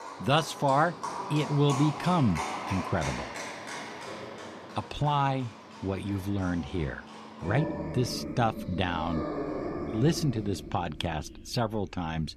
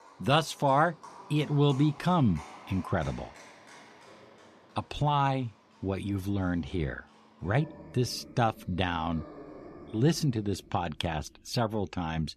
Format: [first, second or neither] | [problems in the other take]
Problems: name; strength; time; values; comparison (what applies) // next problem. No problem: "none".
second | animal sounds; loud; throughout; 8 dB below the speech; faint in the second